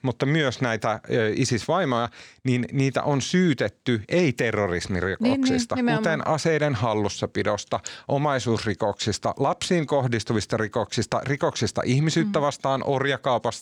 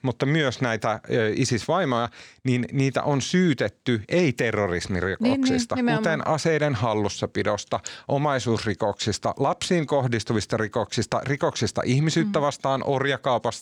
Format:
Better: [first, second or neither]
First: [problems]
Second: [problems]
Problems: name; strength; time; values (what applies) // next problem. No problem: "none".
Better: neither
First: none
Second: none